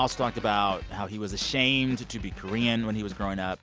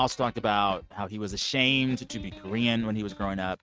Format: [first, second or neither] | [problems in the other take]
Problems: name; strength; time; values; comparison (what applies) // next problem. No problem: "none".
first | noise reduction (neural mask model RNNoise)